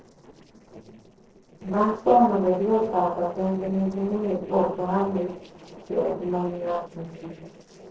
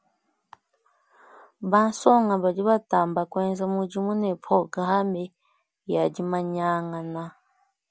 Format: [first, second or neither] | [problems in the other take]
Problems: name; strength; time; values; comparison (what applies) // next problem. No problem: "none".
second | noise reduction (neural separator model SepFormer DNS4)